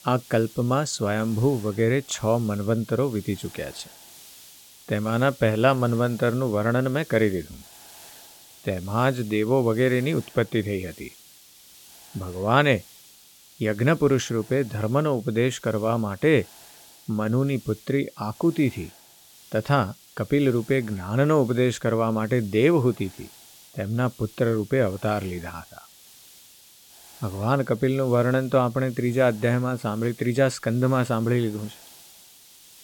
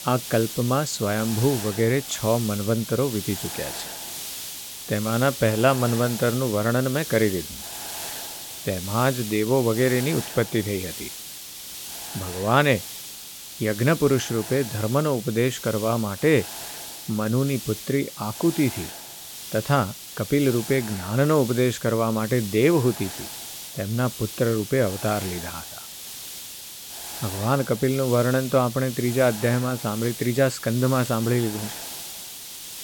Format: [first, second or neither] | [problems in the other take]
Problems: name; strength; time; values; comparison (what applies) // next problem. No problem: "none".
first | hiss; loud; throughout; 10 dB below the speech; faint in the first